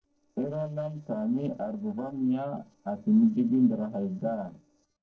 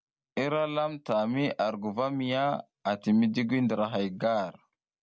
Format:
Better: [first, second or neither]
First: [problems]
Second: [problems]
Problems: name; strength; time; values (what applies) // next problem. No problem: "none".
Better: second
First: noise reduction (neural separator model SepFormer DNS4)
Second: none